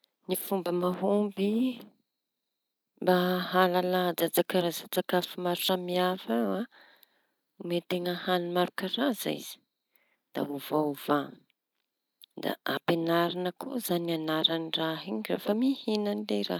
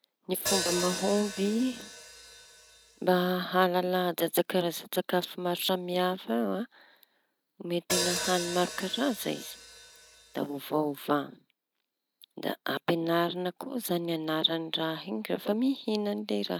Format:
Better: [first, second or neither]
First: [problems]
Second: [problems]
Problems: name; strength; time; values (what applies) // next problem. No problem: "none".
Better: first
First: none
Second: background sound (Hi-hat); 7 dB below the speech